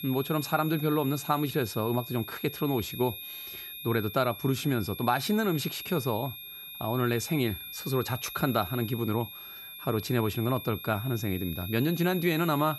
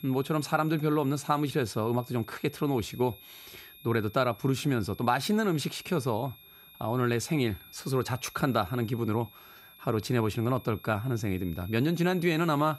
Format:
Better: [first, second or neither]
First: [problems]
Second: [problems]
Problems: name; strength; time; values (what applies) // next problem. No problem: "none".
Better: second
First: high-pitched whine; loud; throughout; 3.5 kHz, 10 dB below the speech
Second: high-pitched whine; faint; throughout; 3.5 kHz, 20 dB below the speech